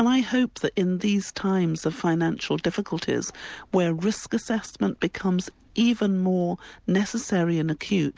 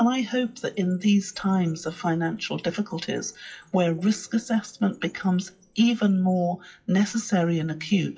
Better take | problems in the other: first | noise reduction (classical method WPE with log-MMSE)

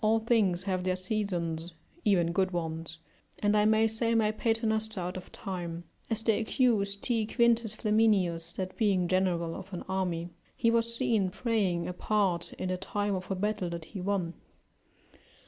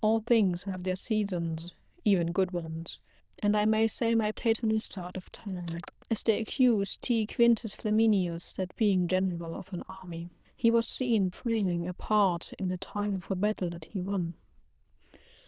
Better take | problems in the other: first | noise reduction (neural diffusion model UNIVERSE++)

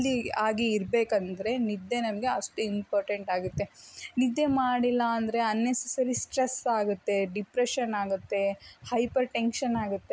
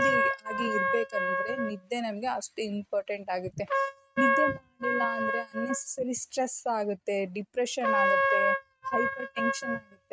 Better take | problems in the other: first | noise reduction (neural mask model RNNoise)

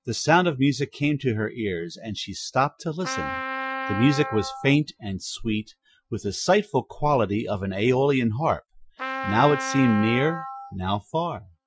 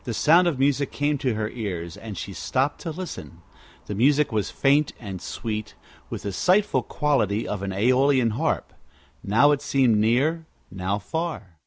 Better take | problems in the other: second | noise reduction (classical method Wiener filter)

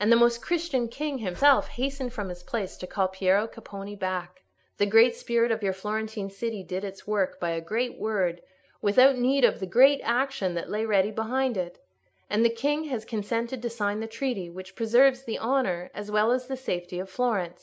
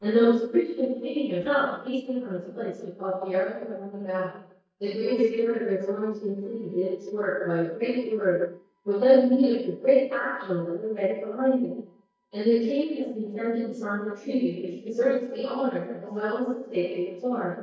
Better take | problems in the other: first | noise reduction (neural mask model DeepFilterNet 3)

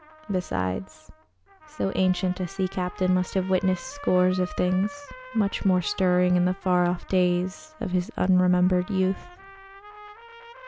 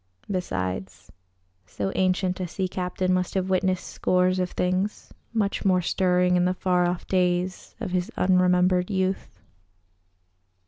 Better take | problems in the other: second | background sound (Trumpet); 20 dB below the speech

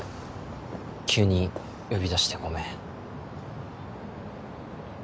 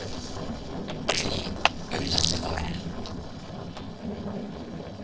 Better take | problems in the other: first | noise reduction (neural separator model SepFormer DNS4)

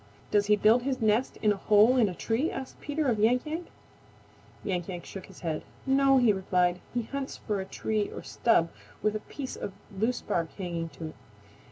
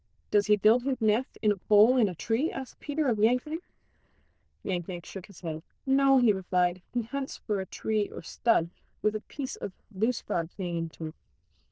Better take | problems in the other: first | noise reduction (neural diffusion model UNIVERSE++)

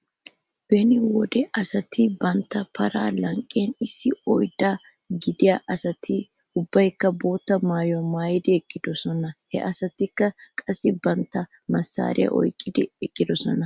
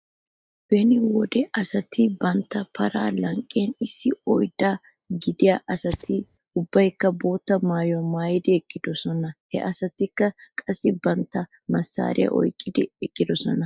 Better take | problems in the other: first | noise reduction (neural mask model DeepFilterNet 3)

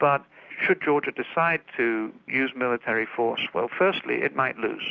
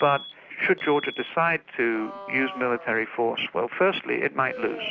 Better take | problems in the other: first | background sound (Alarm); 16 dB below the speech

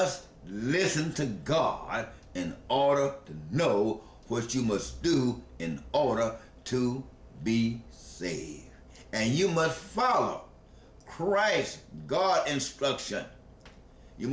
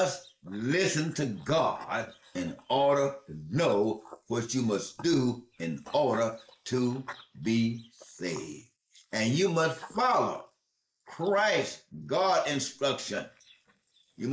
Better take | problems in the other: first | noise reduction (neural mask model Resemble Enhance denoiser)

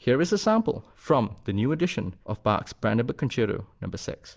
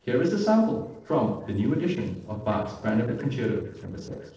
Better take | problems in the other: first | noise reduction (neural separator model SepFormer DNS4)

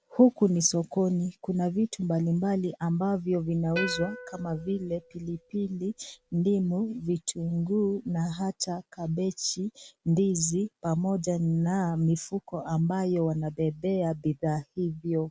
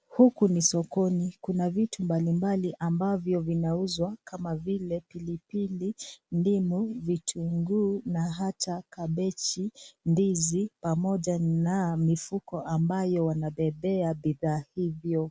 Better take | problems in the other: second | background sound (Plucked string instrument); 13 dB below the speech

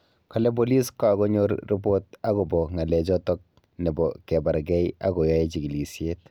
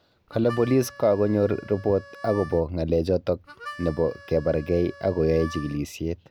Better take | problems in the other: first | background sound (Harmonica); 19 dB below the speech

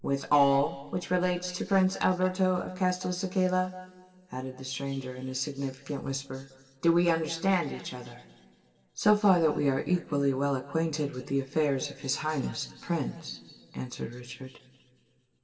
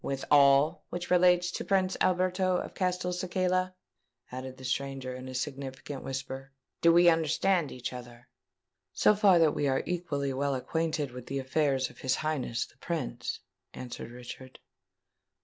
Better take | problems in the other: second | room echo; dies away in 2 s

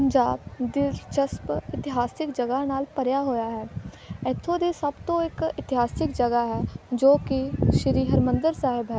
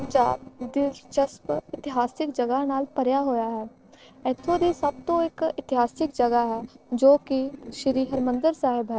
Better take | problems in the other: first | noise reduction (neural separator model SepFormer DNS4)

